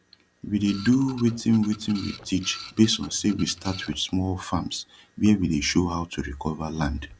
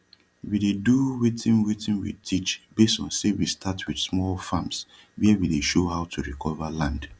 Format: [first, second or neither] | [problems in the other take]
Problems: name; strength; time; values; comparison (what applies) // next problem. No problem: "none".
second | background sound (Printer); 18 dB below the speech